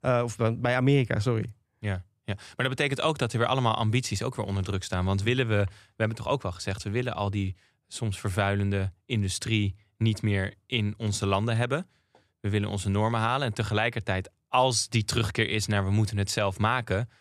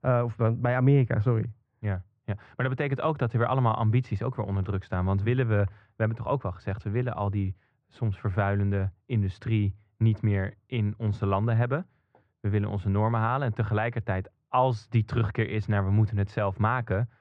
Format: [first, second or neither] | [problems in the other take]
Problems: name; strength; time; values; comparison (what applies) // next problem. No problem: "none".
first | muffled; very; fading above 1.5 kHz